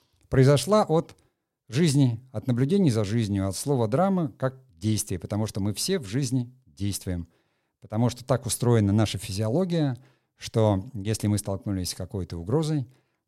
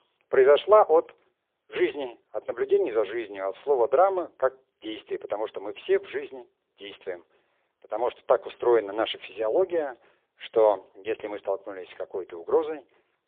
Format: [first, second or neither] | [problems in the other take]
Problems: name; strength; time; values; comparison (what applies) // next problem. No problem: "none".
first | phone-call audio; poor line; nothing above 3 kHz